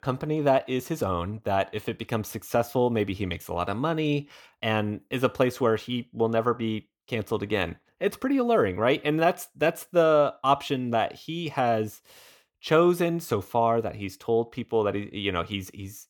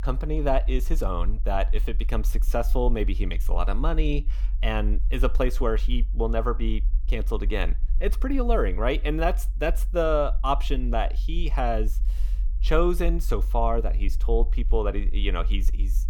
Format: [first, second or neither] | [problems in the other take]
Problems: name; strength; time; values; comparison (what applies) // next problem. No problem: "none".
first | low rumble; faint; throughout; 25 dB below the speech